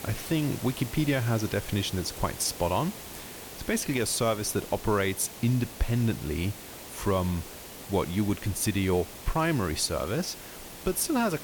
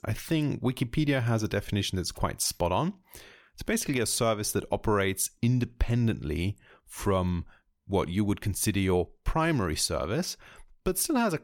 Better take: second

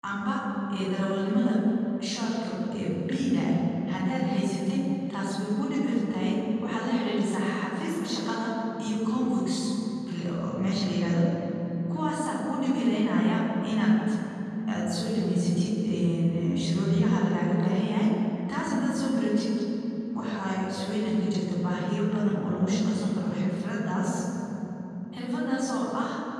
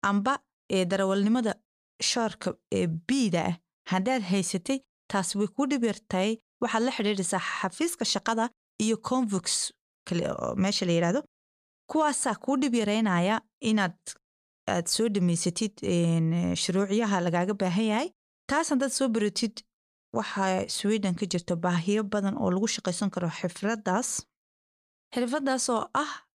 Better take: second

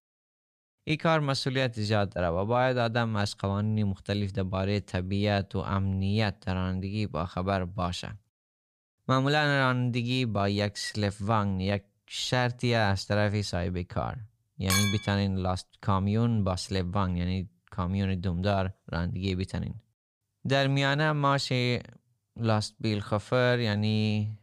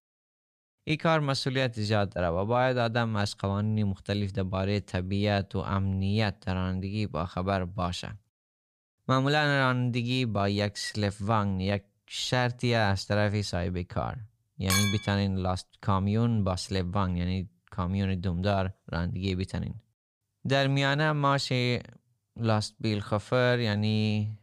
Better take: neither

